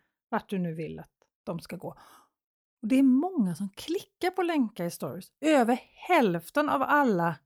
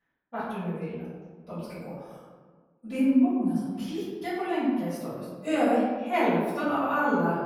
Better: first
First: none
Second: off-mic speech; far // room echo; strong; dies away in 1.3 s

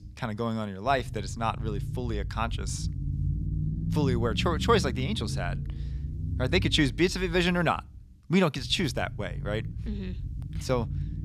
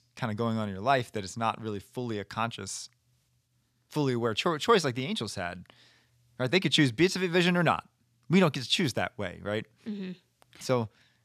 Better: second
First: low rumble; noticeable; throughout; 15 dB below the speech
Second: none

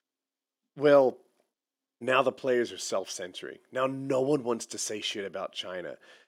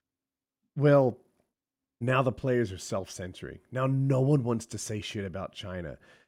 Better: second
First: thin; somewhat; fading below 400 Hz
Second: none

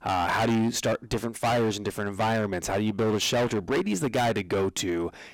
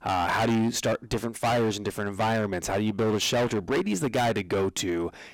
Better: neither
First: distortion; heavy; 21% of the sound clipped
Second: distortion; heavy; 21% of the sound clipped

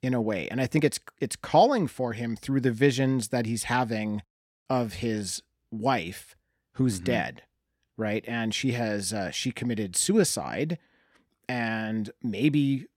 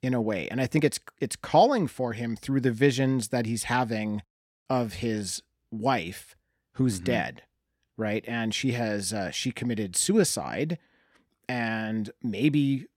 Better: neither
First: none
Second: none

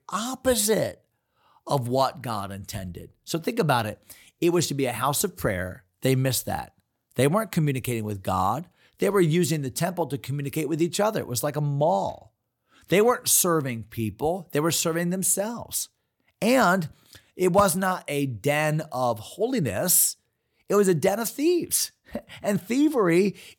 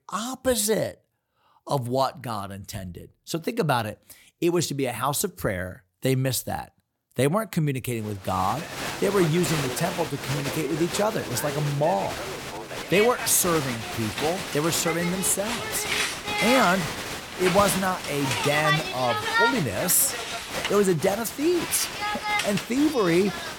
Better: first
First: none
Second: crowd noise; loud; from 8.5 s on; 4 dB below the speech

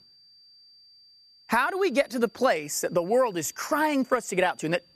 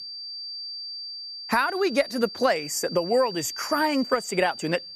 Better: first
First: high-pitched whine; faint; throughout; 4.5 kHz, 30 dB below the speech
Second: high-pitched whine; loud; throughout; 4.5 kHz, 10 dB below the speech

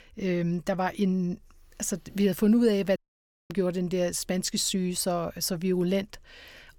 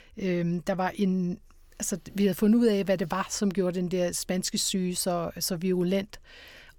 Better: second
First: audio cutting out; at 3 s for 0.5 s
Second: none

